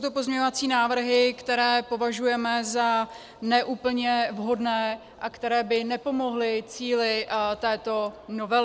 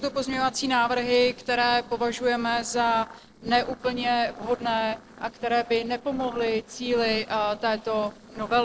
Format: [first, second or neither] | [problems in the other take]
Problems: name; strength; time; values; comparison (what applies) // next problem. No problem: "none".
first | noise reduction (neural separator model SepFormer DNS4)